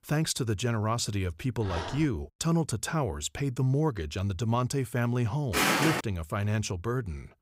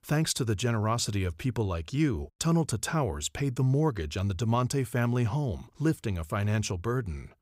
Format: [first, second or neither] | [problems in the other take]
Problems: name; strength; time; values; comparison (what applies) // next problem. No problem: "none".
second | dog barking; noticeable; at 1.5 s; peak 7 dB below the speech // footsteps; loud; at 5.5 s; peak 6 dB above the speech